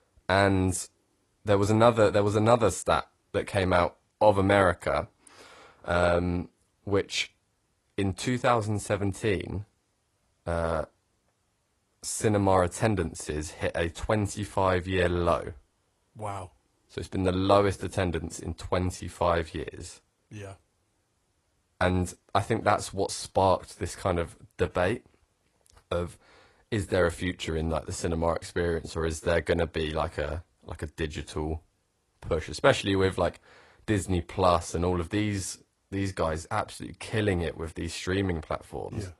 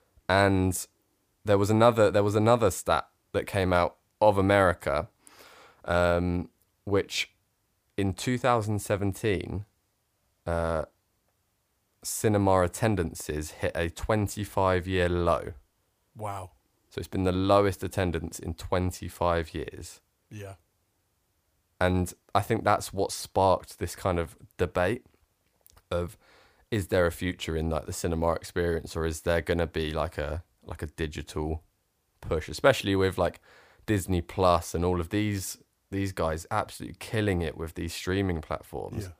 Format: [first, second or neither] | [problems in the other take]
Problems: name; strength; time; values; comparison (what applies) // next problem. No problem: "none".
second | garbled, watery; slightly; nothing above 11 kHz